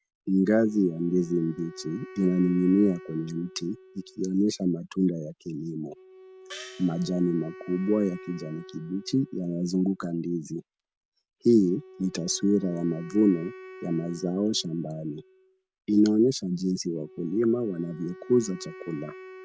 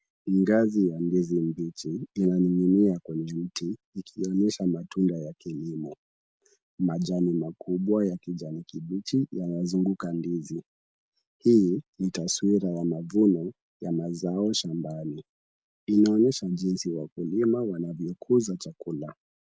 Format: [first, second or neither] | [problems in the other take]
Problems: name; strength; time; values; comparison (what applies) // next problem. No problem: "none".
second | background sound (Wind instrument, woodwind instrument + Gong); 20 dB below the speech